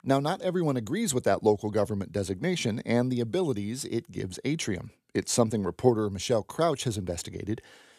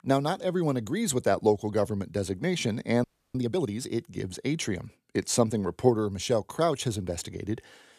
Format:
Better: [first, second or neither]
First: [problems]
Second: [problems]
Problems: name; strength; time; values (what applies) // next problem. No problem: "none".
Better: first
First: none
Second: audio freezing; at 3 s